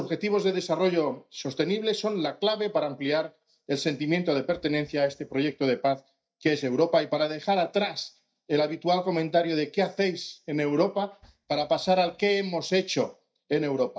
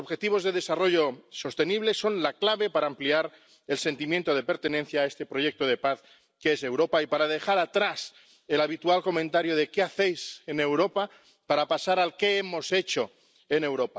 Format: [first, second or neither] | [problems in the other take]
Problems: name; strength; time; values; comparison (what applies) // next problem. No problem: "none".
second | noise reduction (neural mask model DeepFilterNet 3)